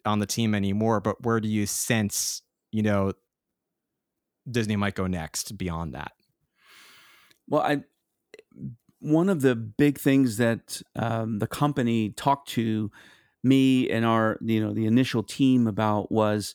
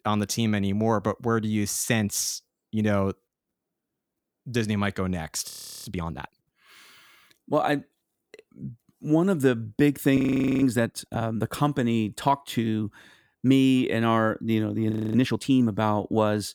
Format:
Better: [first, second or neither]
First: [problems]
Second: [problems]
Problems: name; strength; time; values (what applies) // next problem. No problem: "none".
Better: first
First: none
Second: audio freezing; at 5.5 s, at 10 s and at 15 s